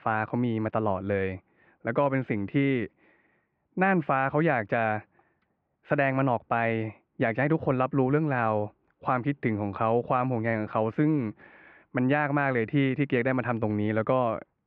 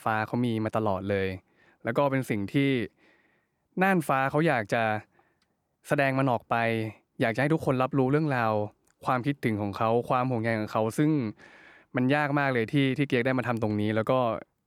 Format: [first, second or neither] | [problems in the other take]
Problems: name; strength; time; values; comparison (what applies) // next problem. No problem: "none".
second | muffled; very; fading above 2.5 kHz